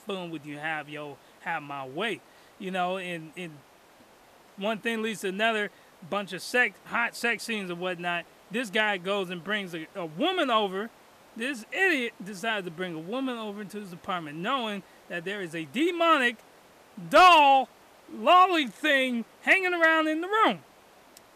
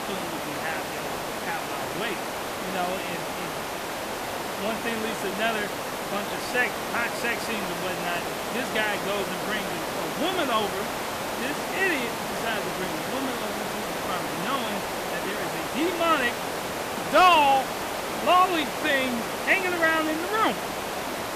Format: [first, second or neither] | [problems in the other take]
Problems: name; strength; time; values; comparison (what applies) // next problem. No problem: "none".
first | hiss; loud; throughout; 3 dB below the speech; faint in the first